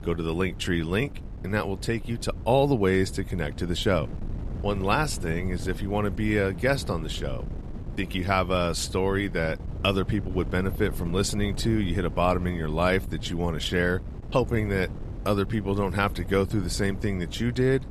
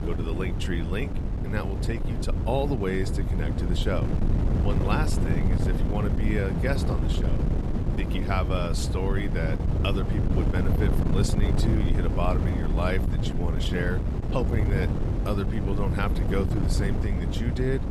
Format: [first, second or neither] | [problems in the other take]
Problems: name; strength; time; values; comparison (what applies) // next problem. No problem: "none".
first | wind noise on the microphone; heavy; 3 dB below the speech; occasional gusts in the first